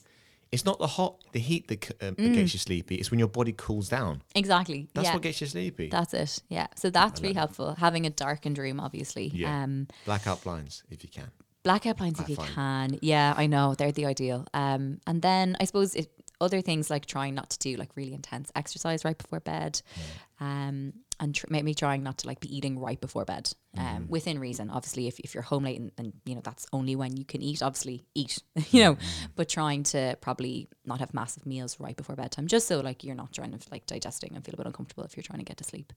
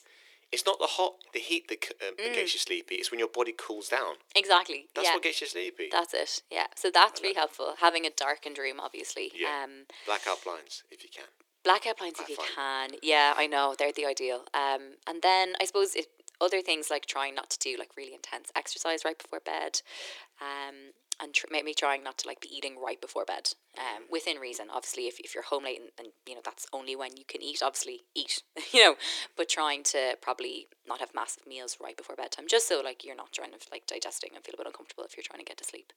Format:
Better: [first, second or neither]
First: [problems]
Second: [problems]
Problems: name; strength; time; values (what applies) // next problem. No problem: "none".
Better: first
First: none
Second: thin; very; fading below 350 Hz